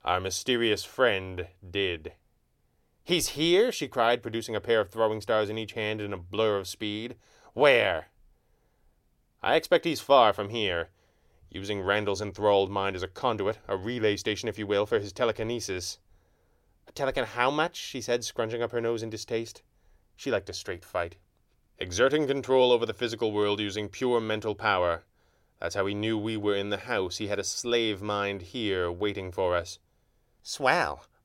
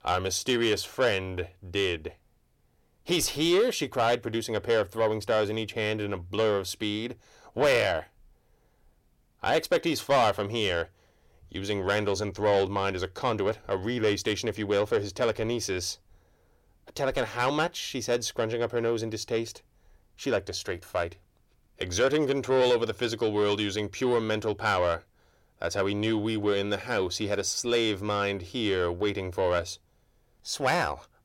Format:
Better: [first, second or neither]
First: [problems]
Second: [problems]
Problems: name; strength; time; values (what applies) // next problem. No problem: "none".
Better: first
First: none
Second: distortion; slight; 10 dB below the speech